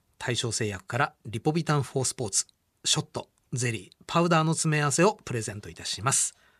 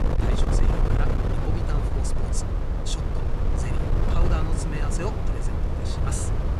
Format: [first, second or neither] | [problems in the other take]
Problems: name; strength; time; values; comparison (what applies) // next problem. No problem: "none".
first | wind noise on the microphone; heavy; 3 dB above the speech